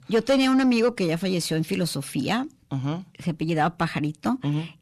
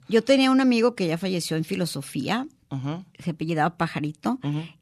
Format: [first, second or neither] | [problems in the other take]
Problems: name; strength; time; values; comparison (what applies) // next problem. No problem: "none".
second | distortion; slight; 10 dB below the speech